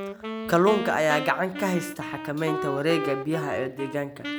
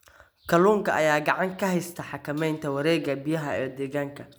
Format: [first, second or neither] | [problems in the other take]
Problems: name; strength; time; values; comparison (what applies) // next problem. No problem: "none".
second | background sound (Wind instrument, woodwind instrument); 7 dB below the speech